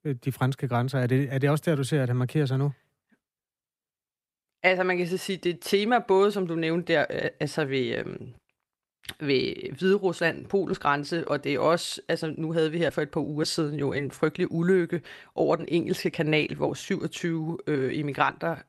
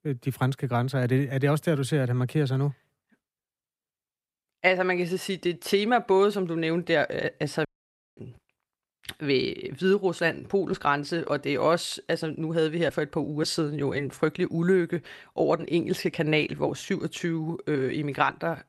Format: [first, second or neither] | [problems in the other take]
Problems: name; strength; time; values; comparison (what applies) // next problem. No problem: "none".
first | audio cutting out; at 7.5 s for 0.5 s